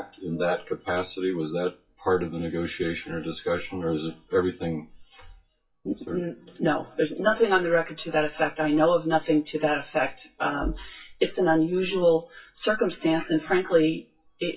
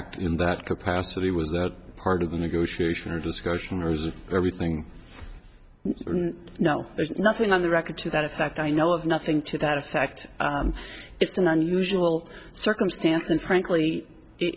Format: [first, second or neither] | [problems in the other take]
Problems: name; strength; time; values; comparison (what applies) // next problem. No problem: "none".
second | noise reduction (classical method WPE with log-MMSE)